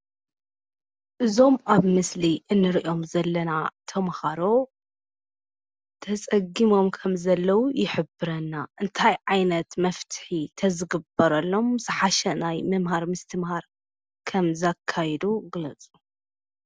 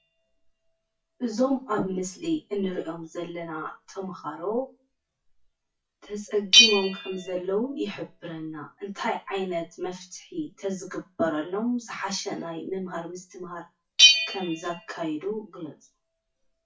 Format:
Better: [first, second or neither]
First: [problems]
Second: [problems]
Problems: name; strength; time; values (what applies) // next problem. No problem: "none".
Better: first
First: none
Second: noise reduction (classical method WPE with log-MMSE)